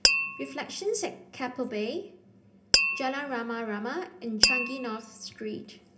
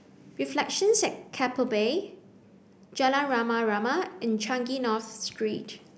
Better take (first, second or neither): second